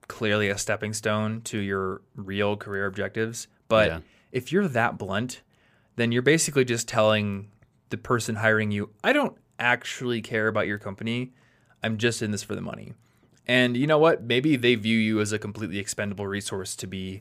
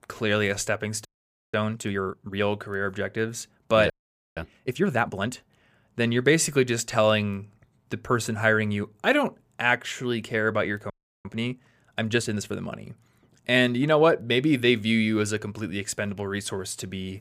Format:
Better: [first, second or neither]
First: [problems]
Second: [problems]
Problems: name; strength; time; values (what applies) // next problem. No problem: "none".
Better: first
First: none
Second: audio freezing; at 1 s, at 4 s and at 11 s